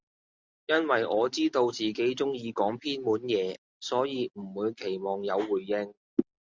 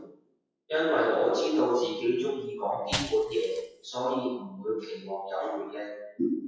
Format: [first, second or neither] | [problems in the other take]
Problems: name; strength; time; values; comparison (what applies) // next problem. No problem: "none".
first | noise reduction (classical method WPE with log-MMSE)